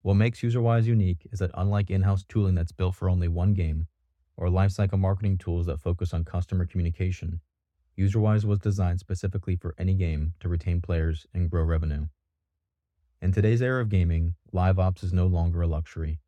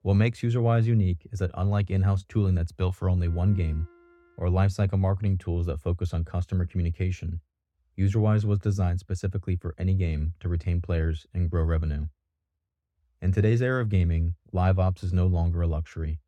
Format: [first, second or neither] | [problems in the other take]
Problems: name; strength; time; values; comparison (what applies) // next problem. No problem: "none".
first | background music; faint; until 4 s; 25 dB below the speech